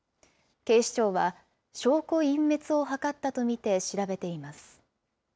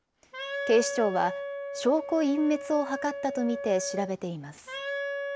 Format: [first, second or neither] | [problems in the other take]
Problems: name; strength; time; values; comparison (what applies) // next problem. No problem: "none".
first | background sound (Wind instrument, woodwind instrument); 7 dB below the speech